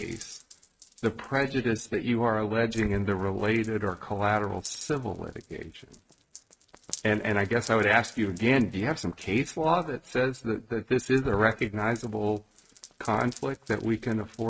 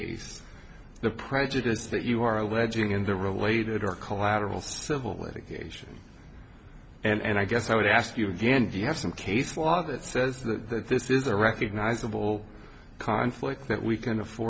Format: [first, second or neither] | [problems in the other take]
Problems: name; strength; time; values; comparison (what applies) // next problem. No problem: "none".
second | noise reduction (neural mask model RNNoise)